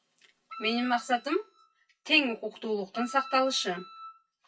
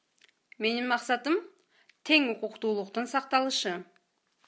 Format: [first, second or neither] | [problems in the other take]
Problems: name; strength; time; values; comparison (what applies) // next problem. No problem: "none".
second | noise reduction (classical method WPE with log-MMSE)